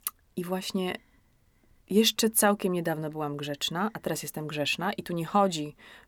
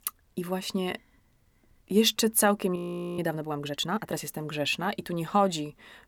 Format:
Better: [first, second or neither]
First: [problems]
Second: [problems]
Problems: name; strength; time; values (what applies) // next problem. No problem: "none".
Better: first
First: none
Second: audio freezing; at 3 s